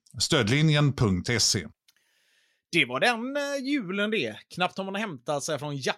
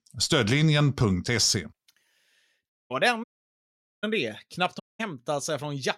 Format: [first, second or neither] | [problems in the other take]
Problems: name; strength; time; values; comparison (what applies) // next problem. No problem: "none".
first | audio cutting out; at 2.5 s, at 3 s for 1 s and at 5 s